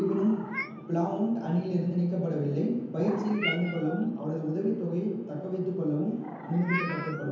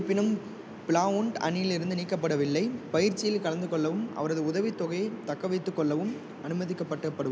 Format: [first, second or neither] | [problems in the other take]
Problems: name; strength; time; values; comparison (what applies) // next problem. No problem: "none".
second | background sound (Meow); 12 dB below the speech // room echo; dies away in 0.9 s